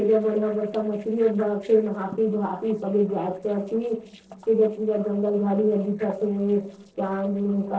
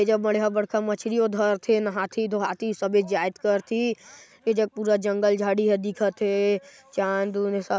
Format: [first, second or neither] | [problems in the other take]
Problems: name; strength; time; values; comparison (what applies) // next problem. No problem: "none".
second | noise reduction (neural separator model SepFormer DNS4)